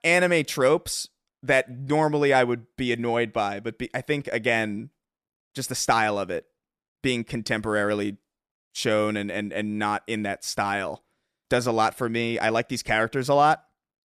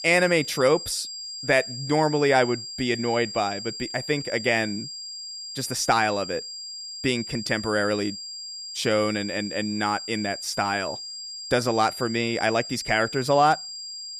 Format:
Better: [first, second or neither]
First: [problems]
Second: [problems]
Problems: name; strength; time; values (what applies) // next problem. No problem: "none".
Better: first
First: none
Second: high-pitched whine; loud; throughout; 5 kHz, 9 dB below the speech